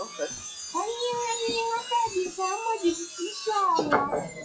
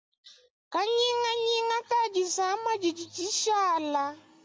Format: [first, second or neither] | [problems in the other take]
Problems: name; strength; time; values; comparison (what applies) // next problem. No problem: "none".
second | noise reduction (classical method WPE with log-MMSE)